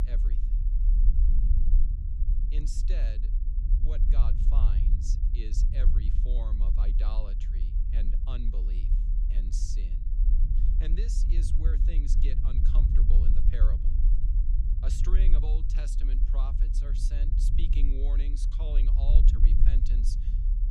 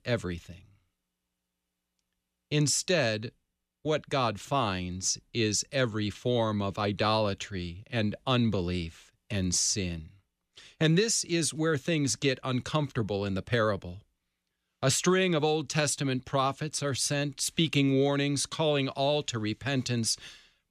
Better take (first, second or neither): second